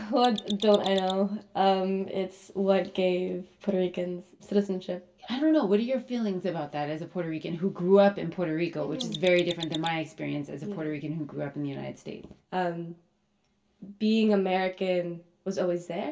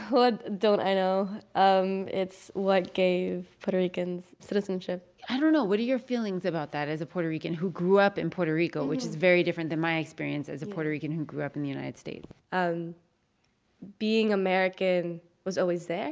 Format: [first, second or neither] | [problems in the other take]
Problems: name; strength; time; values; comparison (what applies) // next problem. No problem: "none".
second | background sound (Mechanisms); 11 dB below the speech // room echo; dies away in 0.2 s